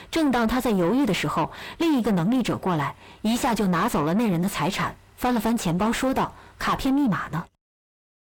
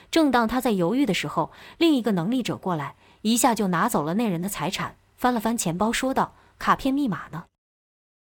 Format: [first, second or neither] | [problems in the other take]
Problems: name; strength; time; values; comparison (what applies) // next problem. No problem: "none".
second | distortion; heavy; 5 dB below the speech